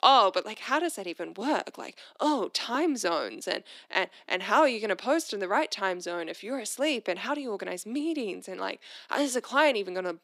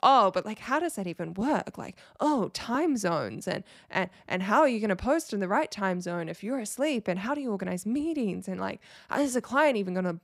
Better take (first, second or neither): second